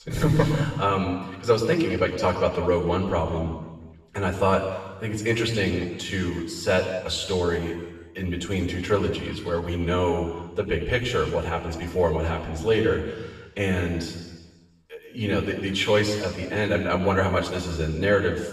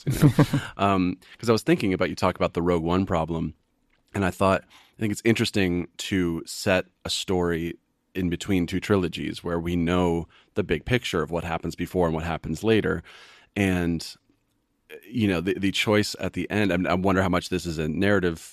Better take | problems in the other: second | room echo; noticeable; dies away in 1.2 s // off-mic speech; far

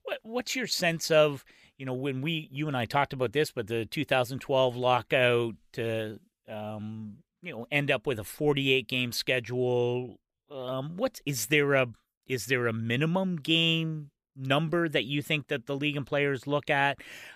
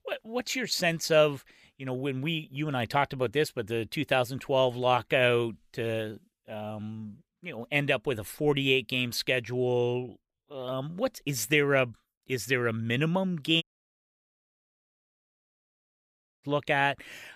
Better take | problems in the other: first | audio cutting out; at 14 s for 3 s

